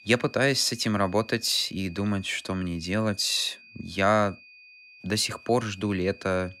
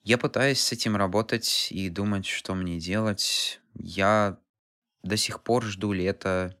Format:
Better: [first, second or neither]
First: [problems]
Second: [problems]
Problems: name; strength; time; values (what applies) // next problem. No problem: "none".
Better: second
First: high-pitched whine; faint; throughout; 2.5 kHz, 25 dB below the speech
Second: none